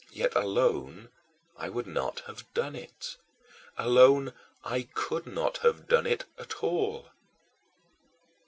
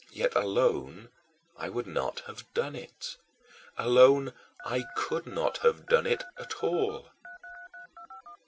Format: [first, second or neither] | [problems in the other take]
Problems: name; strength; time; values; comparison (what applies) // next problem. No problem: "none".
first | background sound (Telephone); 16 dB below the speech